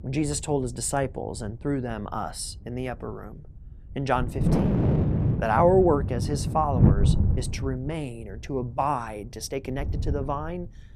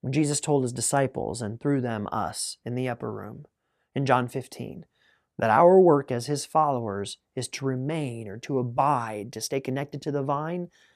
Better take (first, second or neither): second